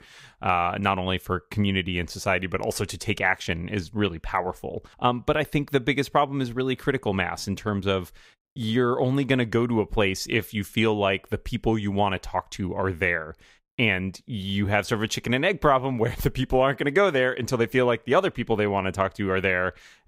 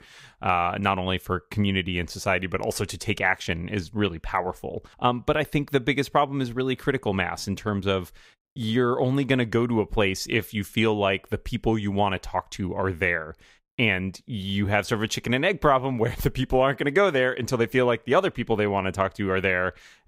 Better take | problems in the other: neither | none

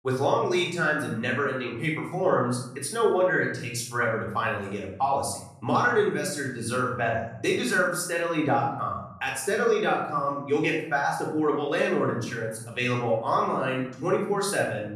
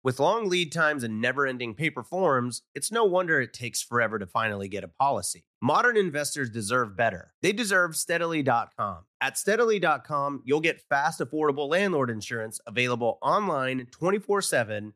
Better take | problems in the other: second | off-mic speech; far // room echo; noticeable; dies away in 0.8 s

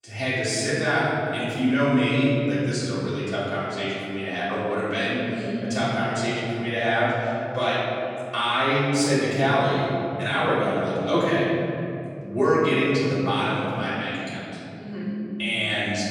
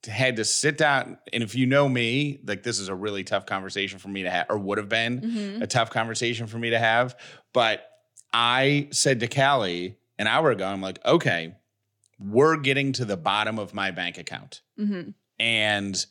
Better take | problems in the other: second | off-mic speech; far // room echo; strong; dies away in 3 s

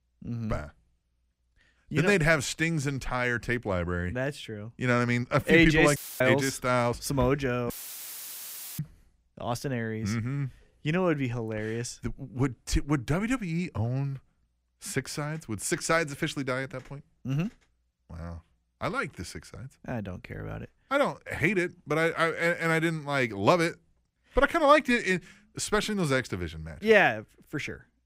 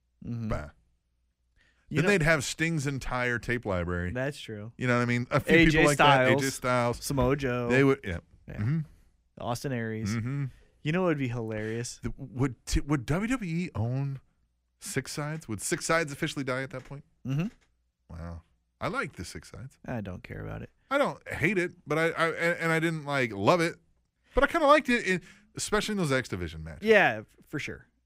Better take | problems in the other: second | audio cutting out; filled with static; at 6 s and at 7.5 s for 1 s

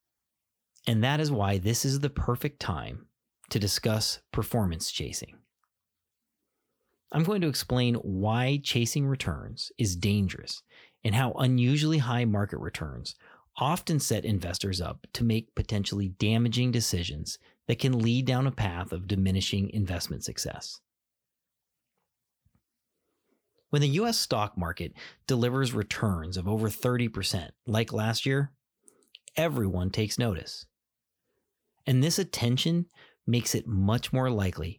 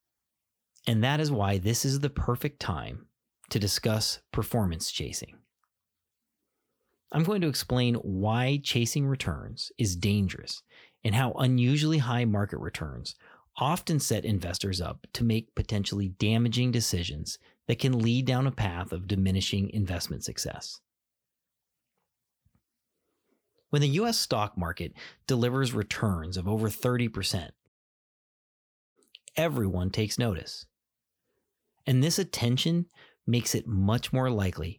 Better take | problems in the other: first | audio cutting out; at 28 s for 1.5 s

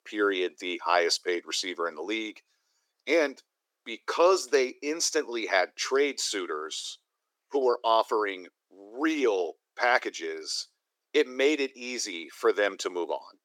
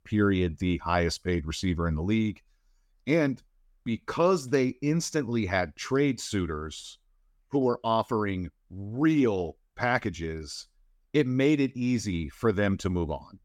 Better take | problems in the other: second | thin; very; fading below 350 Hz

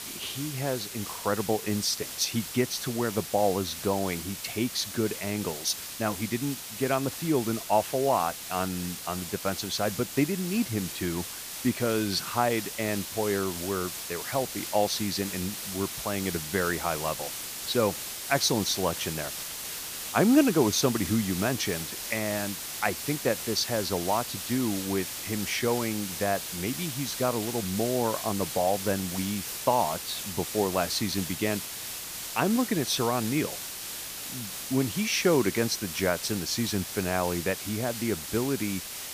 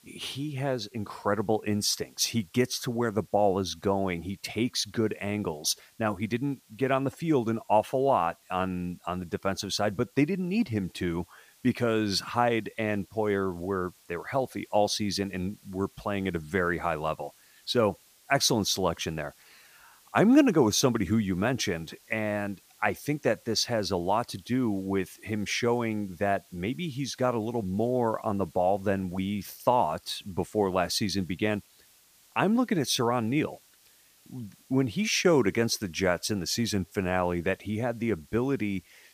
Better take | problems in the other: second | hiss; loud; throughout; 6 dB below the speech; faint in the second

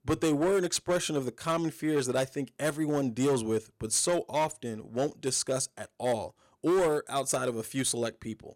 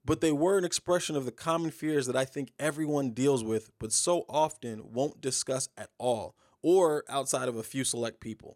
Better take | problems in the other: second | distortion; slight; 7% of the sound clipped

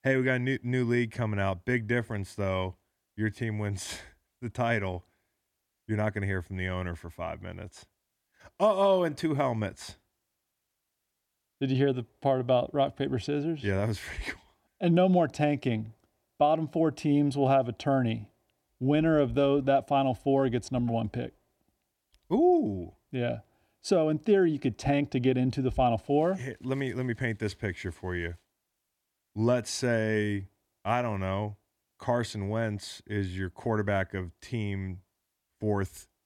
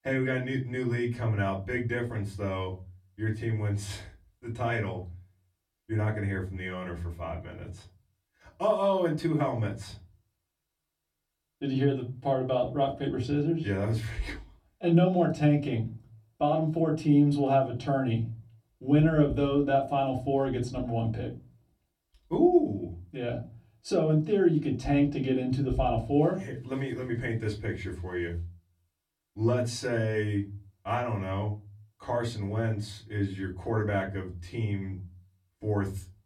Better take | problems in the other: first | off-mic speech; far // room echo; very slight; dies away in 0.4 s

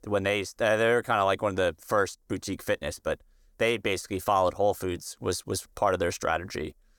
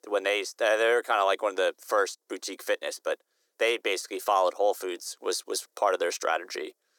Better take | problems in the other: first | thin; very; fading below 350 Hz

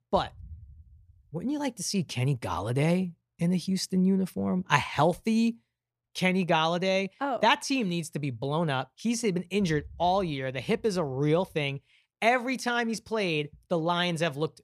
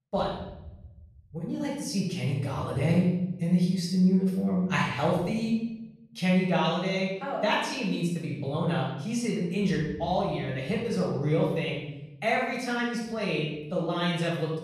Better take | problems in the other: first | off-mic speech; far // room echo; noticeable; dies away in 0.9 s

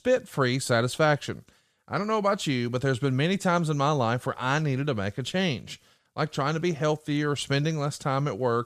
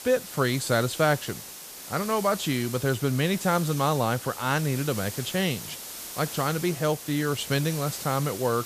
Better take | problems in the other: first | hiss; loud; throughout; 10 dB below the speech

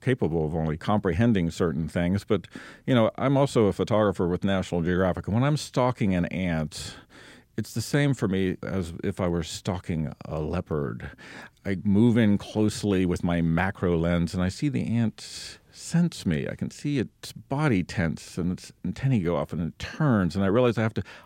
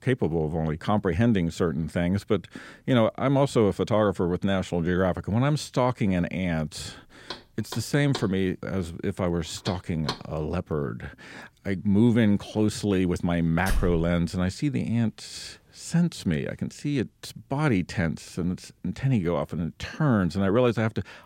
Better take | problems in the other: first | door banging; noticeable; from 7.5 to 10 s and at 14 s; peak 6 dB below the speech

